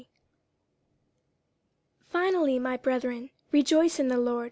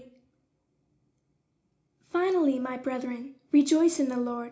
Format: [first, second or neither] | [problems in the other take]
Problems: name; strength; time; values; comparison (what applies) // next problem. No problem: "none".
first | room echo; dies away in 0.4 s